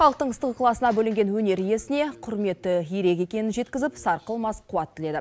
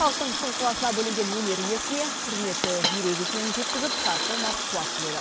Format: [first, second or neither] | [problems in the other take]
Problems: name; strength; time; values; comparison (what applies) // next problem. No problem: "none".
first | background sound (Coin (dropping) + Water tap, faucet); 1 dB above the speech